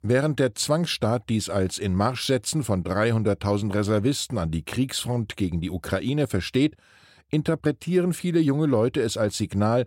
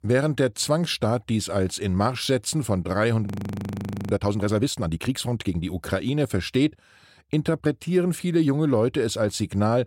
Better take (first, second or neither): first